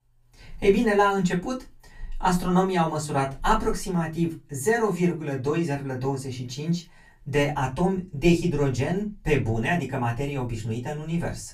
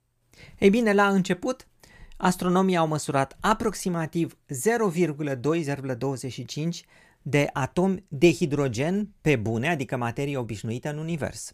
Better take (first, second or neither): second